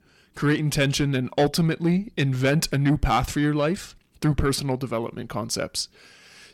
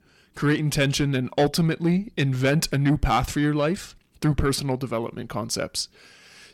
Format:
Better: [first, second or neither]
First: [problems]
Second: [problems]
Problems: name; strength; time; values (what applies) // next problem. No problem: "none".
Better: neither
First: distortion; slight; 10 dB below the speech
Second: distortion; slight; 10 dB below the speech